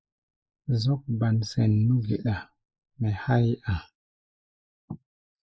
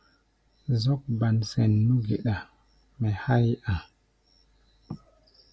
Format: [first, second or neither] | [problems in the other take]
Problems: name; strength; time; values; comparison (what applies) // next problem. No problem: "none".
second | noise reduction (neural mask model Resemble Enhance denoiser)